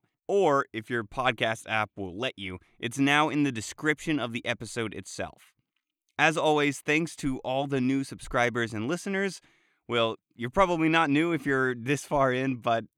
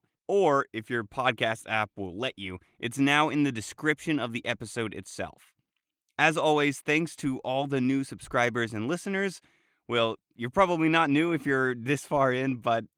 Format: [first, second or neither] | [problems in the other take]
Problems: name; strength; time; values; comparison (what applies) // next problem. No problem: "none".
first | garbled, watery; slightly